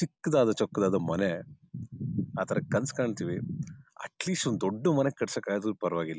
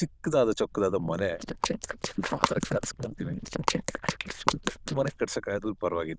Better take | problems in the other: first | noise reduction (neural diffusion model UNIVERSE++)

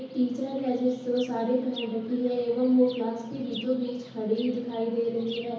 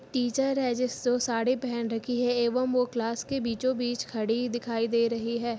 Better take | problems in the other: second | background sound (Chirp, tweet); 19 dB below the speech // room echo; dies away in 2.2 s

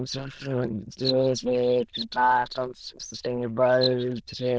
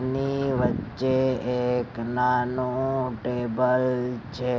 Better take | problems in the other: second | noise reduction (neural diffusion model UNIVERSE++)

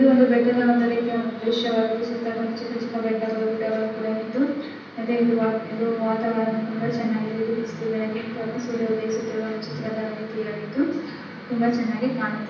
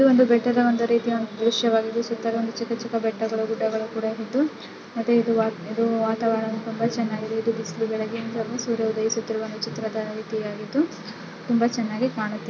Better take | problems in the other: second | room echo; dies away in 0.9 s

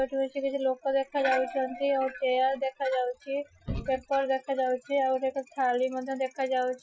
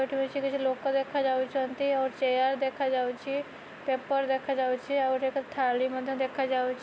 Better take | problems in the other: second | noise reduction (classical method Wiener filter)

